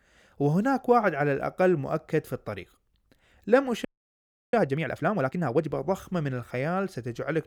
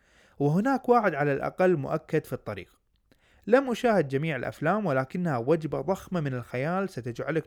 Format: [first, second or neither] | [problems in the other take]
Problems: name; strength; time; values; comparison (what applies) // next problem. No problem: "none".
second | audio freezing; at 4 s for 0.5 s